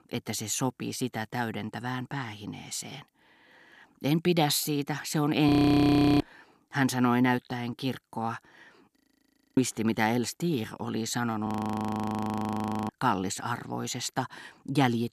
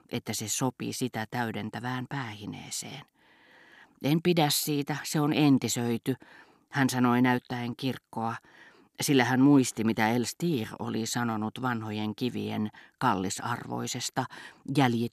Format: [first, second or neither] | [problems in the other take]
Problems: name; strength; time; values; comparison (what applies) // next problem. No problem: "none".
second | audio freezing; at 5.5 s for 0.5 s, at 9 s for 0.5 s and at 11 s for 1.5 s